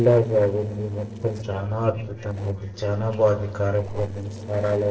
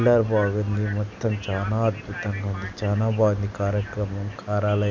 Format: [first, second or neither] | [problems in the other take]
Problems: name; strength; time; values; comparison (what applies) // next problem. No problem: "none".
second | noise reduction (neural separator model SepFormer DNS4)